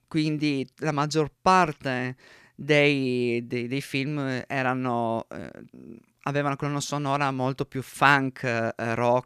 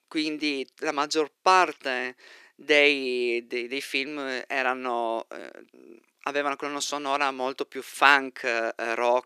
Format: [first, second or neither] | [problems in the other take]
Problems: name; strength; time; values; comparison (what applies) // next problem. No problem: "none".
first | thin; somewhat; fading below 350 Hz